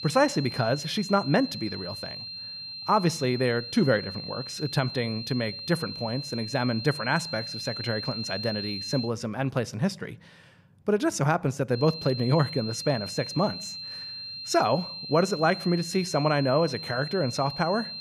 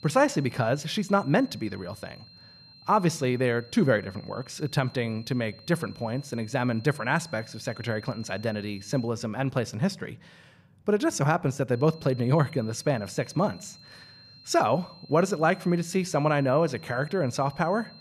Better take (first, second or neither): second